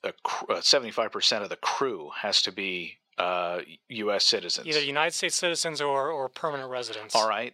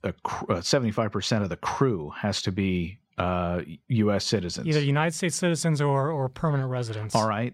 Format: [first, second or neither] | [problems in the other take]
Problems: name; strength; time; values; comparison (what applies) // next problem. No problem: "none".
second | thin; very; fading below 500 Hz